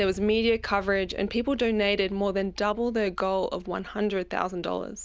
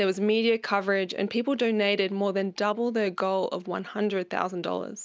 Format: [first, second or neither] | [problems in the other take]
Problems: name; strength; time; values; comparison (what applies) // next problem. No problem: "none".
second | background sound (Bass guitar); 20 dB below the speech